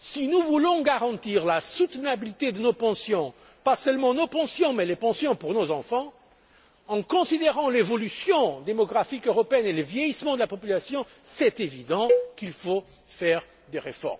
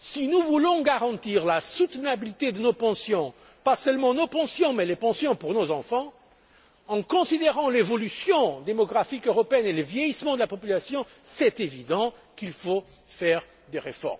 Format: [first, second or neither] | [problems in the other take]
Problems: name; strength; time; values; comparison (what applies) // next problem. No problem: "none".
second | background sound (Cowbell); 4 dB below the speech